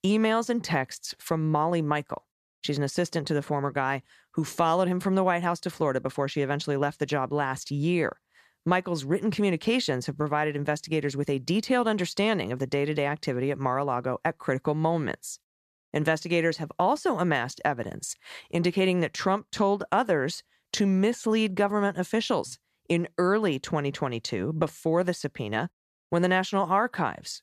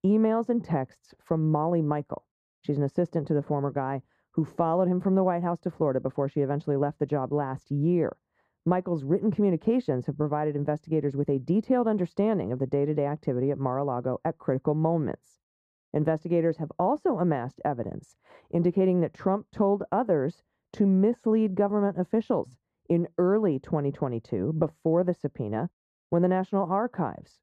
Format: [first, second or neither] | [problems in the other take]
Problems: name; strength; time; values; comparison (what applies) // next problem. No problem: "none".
first | muffled; very; fading above 1.5 kHz